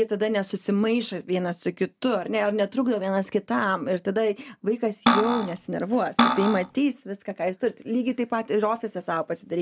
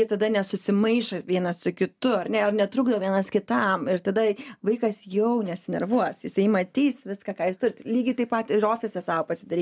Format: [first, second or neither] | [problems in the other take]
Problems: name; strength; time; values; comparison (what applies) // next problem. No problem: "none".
second | background sound (Cutlery, silverware); 2 dB above the speech